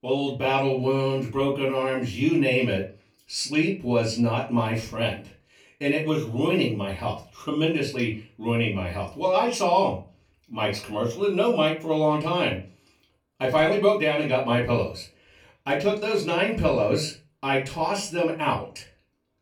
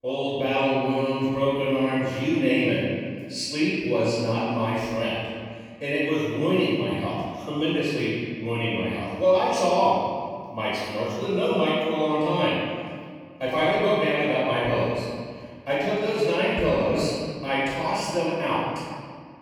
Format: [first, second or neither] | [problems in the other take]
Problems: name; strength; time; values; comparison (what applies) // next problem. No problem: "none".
first | room echo; strong; dies away in 1.8 s; slight in the first // off-mic speech; far; far in the first